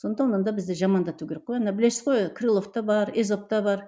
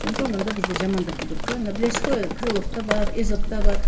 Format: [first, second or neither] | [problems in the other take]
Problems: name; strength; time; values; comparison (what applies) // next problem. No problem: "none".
first | background sound (Drip); 5 dB above the speech // room echo; dies away in 1.1 s